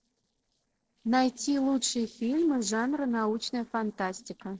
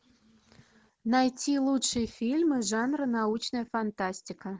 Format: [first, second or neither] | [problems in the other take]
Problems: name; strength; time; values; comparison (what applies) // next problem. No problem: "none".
second | noise reduction (neural separator model SepFormer DNS4)